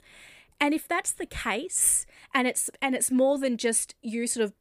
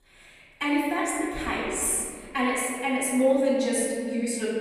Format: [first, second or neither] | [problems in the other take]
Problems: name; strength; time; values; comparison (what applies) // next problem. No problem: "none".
first | off-mic speech; far // room echo; strong; dies away in 2.1 s